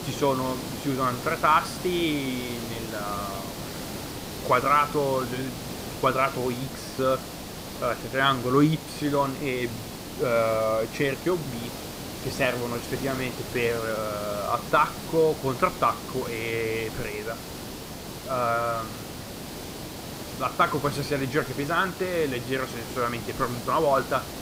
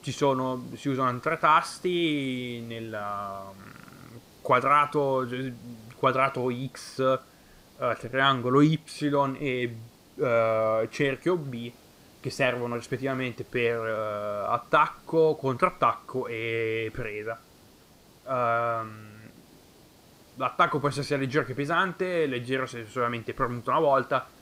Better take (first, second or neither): second